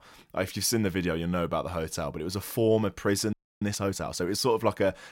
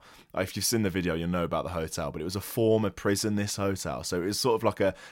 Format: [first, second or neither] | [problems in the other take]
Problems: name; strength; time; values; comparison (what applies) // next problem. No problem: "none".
second | audio freezing; at 3.5 s